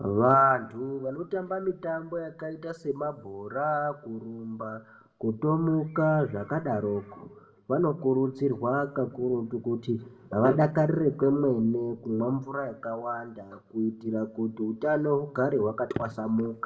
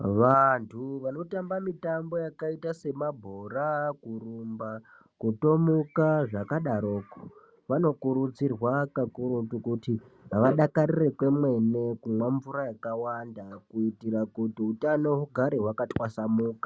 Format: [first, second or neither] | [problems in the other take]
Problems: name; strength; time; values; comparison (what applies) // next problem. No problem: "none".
second | room echo; dies away in 0.7 s